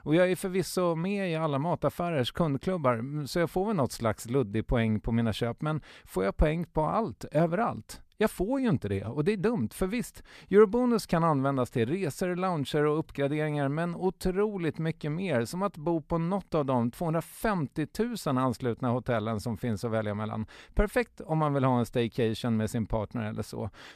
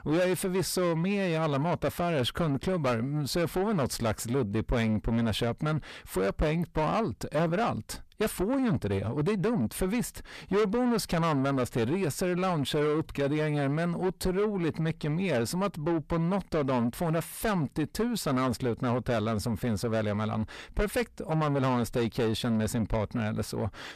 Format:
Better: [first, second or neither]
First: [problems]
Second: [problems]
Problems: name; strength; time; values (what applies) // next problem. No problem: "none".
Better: first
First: none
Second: distortion; heavy; 7 dB below the speech